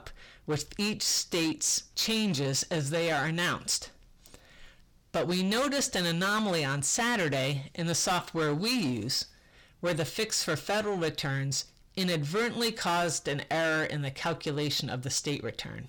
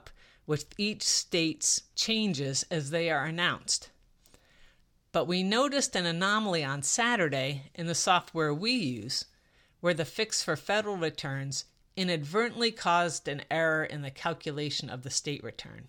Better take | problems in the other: second | distortion; heavy; 8 dB below the speech

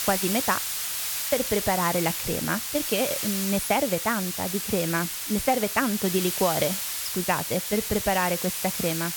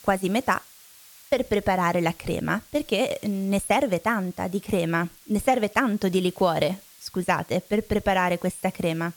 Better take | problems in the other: second | hiss; loud; throughout; 1 dB below the speech; faint in the second

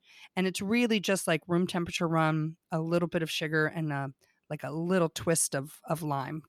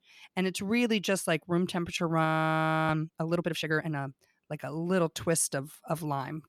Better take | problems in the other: first | audio freezing; at 2.5 s for 0.5 s

